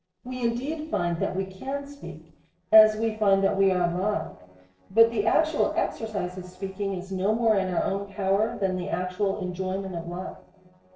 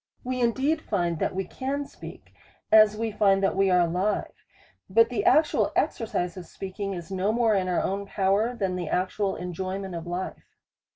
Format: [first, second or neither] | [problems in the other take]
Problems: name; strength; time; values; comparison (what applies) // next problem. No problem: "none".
second | noise reduction (neural separator model SepFormer DNS4)